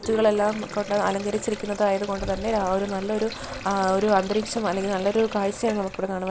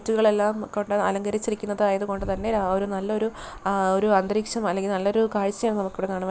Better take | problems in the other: second | background sound (Sink (filling or washing)); 13 dB below the speech

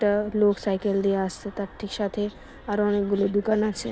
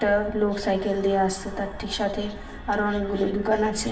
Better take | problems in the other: first | room echo; dies away in 0.8 s

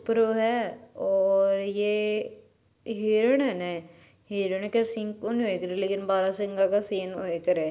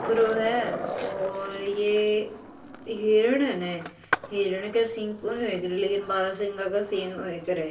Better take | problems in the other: first | background sound (Skateboard); 11 dB below the speech // room echo; dies away in 0.1 s

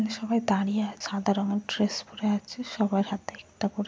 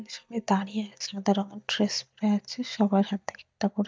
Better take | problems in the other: first | noise reduction (neural mask model DeepFilterNet 3)

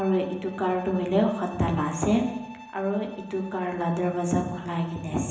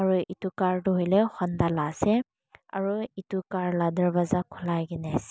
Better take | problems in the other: second | background sound (Bowed string instrument); 20 dB below the speech // room echo; dies away in 1 s

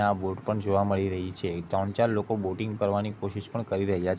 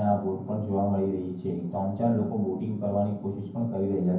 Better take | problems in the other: first | room echo; dies away in 0.9 s

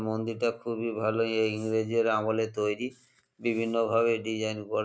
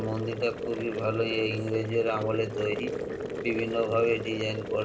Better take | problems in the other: first | background sound (Boiling); 5 dB below the speech // room echo; dies away in 0.2 s

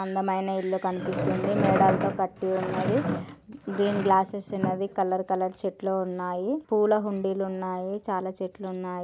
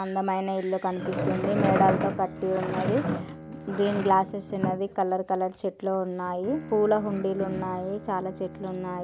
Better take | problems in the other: first | background sound (Bowed string instrument + Cough); 15 dB below the speech

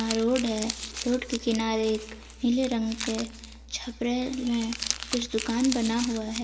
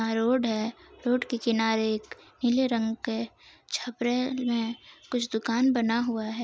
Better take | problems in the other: second | background sound (Crumpling, crinkling); 9 dB below the speech // room echo; dies away in 2.9 s

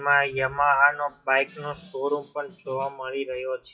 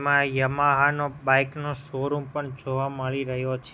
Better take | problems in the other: second | noise reduction (classical method WPE with log-MMSE)

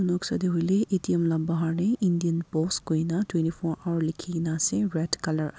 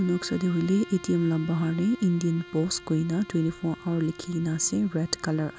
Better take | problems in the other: first | background sound (Bowed string instrument); 19 dB below the speech

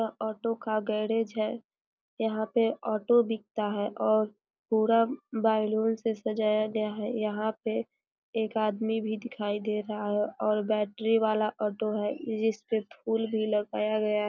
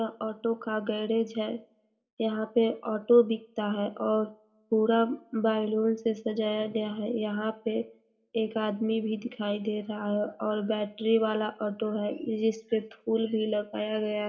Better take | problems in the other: first | room echo; dies away in 0.4 s

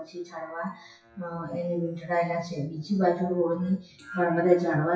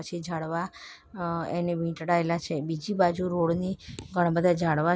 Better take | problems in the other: second | noise reduction (classical method WPE with log-MMSE)

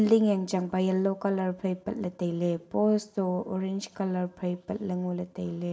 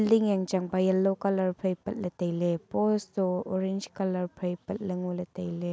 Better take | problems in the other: second | room echo; dies away in 0.5 s

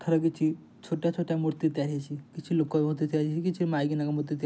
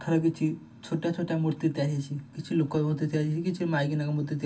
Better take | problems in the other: first | room echo; dies away in 0.2 s

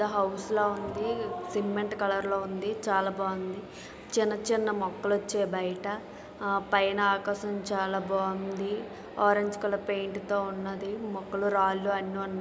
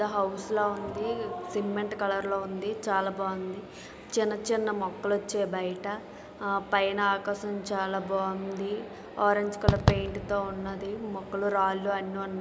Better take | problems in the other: first | background sound (Fireworks); as loud as the speech

